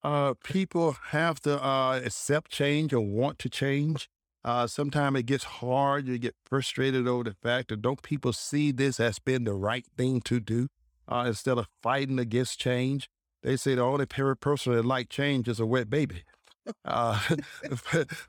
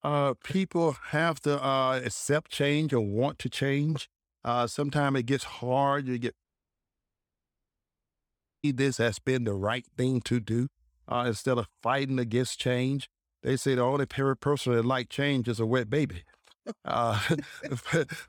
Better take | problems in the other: first | audio cutting out; at 6.5 s for 2 s

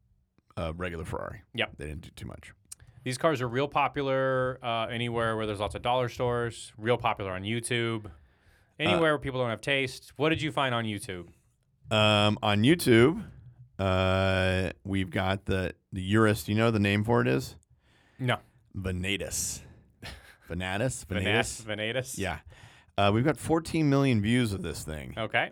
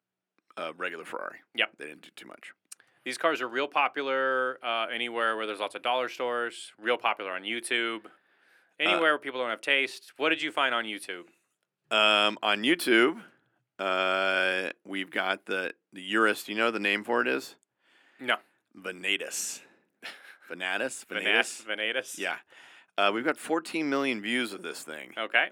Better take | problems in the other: first | thin; somewhat; fading below 250 Hz

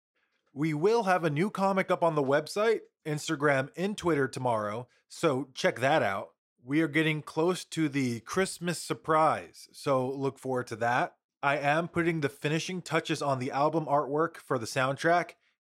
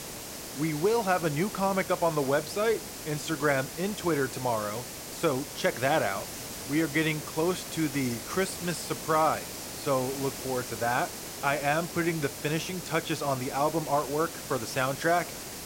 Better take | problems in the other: first | hiss; loud; throughout; 8 dB below the speech

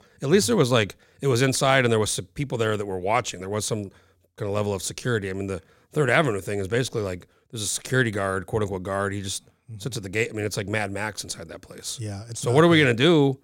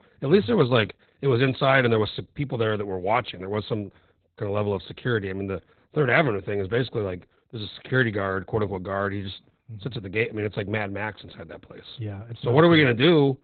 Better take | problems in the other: first | garbled, watery; badly; nothing above 4 kHz

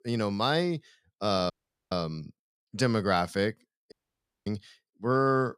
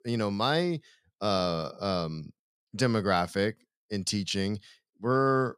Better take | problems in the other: second | audio cutting out; at 1.5 s and at 4 s for 0.5 s

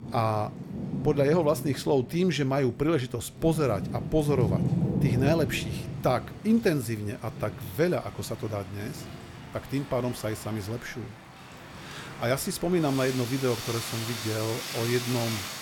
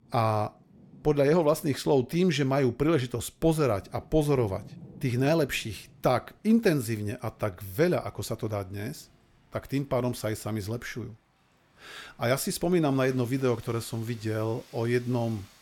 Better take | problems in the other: second | rain or running water; loud; throughout; 6 dB below the speech; faint in the second

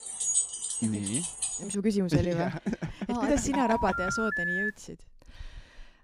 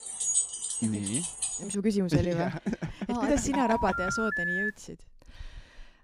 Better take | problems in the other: neither | jangling keys; loud; until 2 s; peak 4 dB above the speech; the same in both // phone ringing; loud; from 3.5 to 4.5 s; peak 1 dB above the speech; the same in both

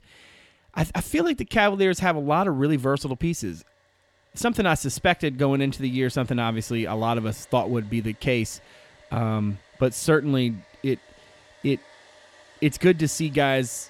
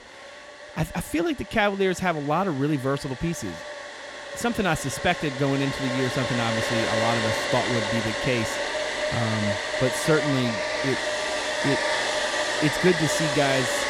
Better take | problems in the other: first | household noises; loud; throughout; as loud as the speech; faint in the first

